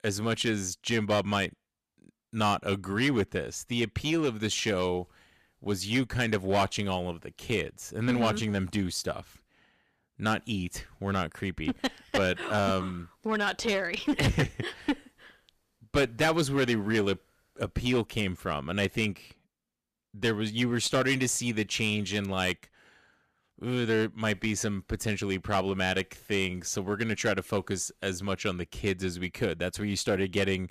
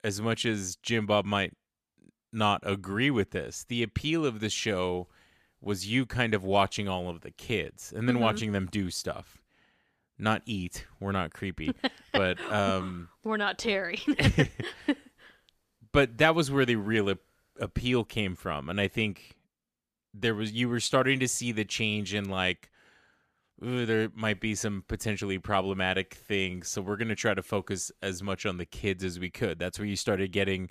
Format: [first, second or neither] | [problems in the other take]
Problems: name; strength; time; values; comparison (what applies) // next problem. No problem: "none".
second | distortion; slight; 5% of the sound clipped